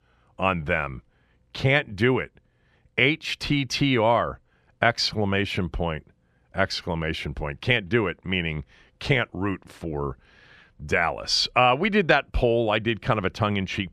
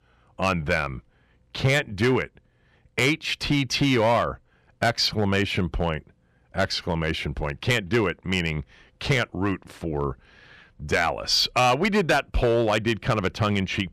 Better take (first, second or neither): first